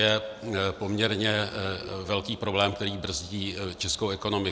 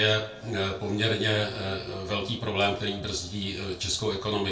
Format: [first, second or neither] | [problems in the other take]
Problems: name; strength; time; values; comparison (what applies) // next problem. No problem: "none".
first | room echo; dies away in 0.3 s